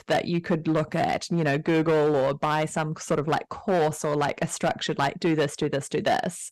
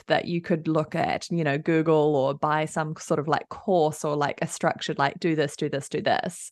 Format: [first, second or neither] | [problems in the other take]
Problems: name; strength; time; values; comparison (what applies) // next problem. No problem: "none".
second | distortion; slight; 8% of the sound clipped